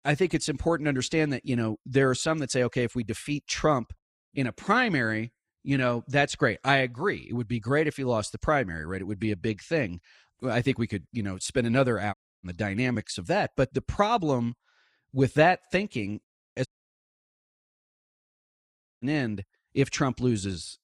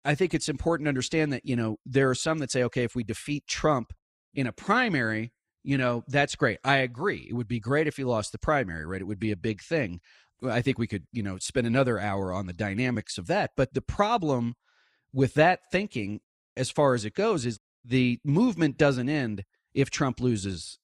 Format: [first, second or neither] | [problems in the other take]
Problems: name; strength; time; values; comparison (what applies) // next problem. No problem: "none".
second | audio cutting out; at 12 s and at 17 s for 2.5 s